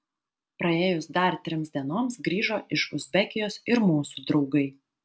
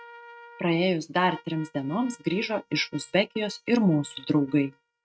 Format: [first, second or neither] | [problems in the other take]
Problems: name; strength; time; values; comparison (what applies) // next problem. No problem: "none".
first | noise reduction (neural mask model RNNoise)